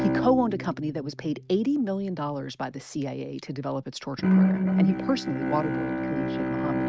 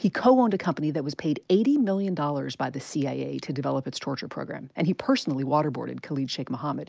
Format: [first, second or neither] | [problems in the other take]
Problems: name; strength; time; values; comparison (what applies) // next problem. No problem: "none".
second | noise reduction (neural mask model RNNoise)